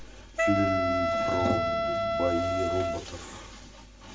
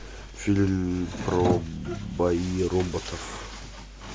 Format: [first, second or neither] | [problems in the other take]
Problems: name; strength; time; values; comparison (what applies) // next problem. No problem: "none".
second | background sound (Wind instrument, woodwind instrument); 4 dB above the speech // room echo; dies away in 1 s